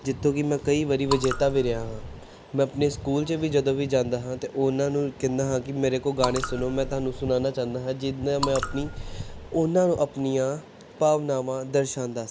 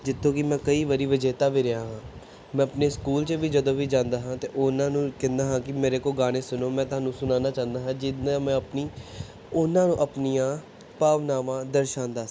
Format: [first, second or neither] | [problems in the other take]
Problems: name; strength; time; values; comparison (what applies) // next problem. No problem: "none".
second | background sound (Raindrop / Drip); 8 dB below the speech